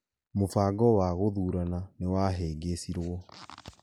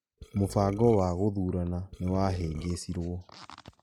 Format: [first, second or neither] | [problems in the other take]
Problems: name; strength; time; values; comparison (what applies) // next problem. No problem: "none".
first | noise reduction (neural mask model RNNoise)